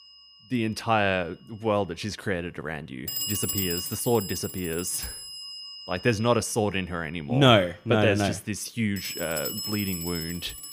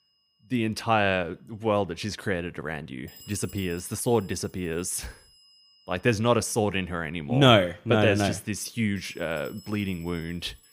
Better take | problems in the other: second | alarms or sirens; loud; throughout; 6 dB below the speech; faint in the second

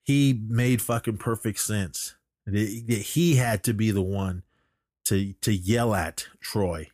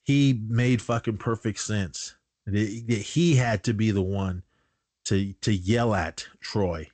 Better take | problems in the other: first | garbled, watery; slightly; nothing above 8 kHz

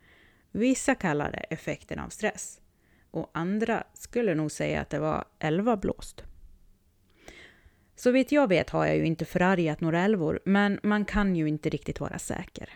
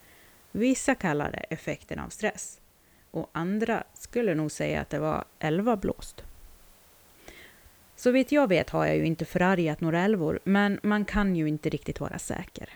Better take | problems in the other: first | hiss; faint; throughout; 30 dB below the speech

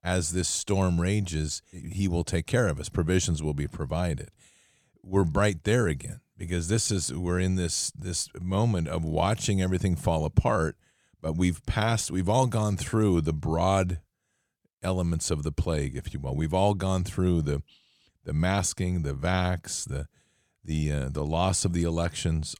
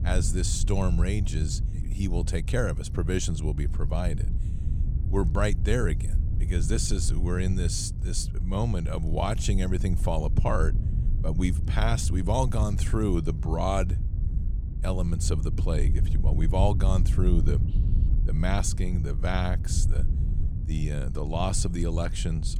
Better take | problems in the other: first | wind noise on the microphone; occasional gusts; 10 dB below the speech

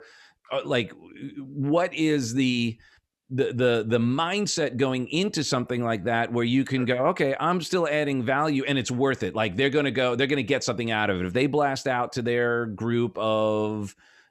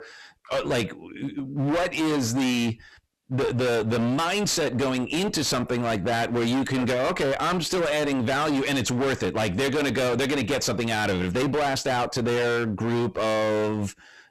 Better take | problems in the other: first | distortion; heavy; 35% of the sound clipped

